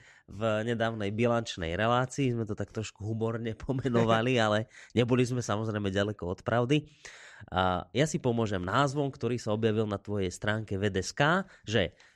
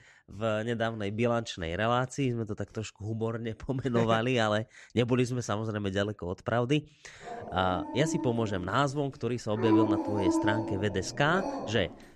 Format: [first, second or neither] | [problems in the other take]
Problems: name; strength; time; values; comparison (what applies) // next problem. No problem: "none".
first | dog barking; loud; from 7.5 s on; peak 4 dB above the speech